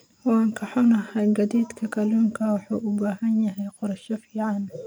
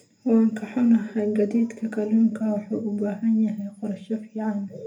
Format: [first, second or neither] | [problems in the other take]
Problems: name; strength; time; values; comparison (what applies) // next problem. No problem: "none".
first | room echo; dies away in 0.3 s